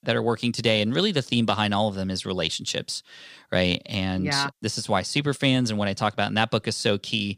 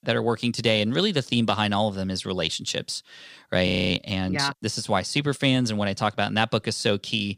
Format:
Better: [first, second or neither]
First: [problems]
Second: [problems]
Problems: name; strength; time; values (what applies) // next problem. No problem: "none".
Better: first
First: none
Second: audio freezing; at 3.5 s